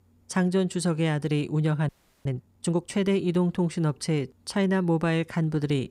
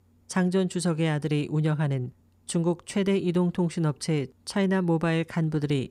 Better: second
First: audio freezing; at 2 s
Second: none

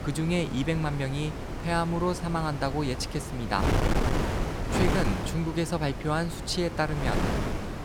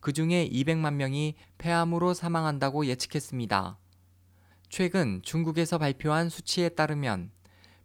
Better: second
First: wind noise on the microphone; heavy; 3 dB below the speech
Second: none

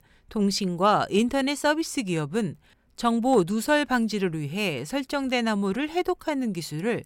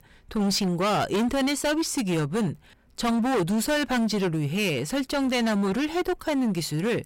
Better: first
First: none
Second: distortion; heavy; 24% of the sound clipped

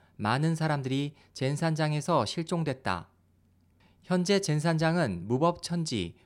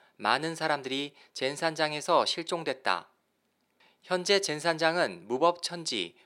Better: first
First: none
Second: thin; very; fading below 450 Hz

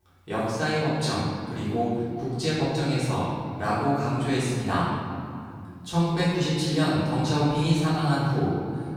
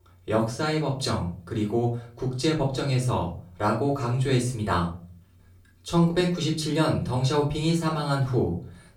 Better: second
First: room echo; strong; dies away in 2.4 s // off-mic speech; far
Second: room echo; slight; dies away in 0.4 s // off-mic speech; far

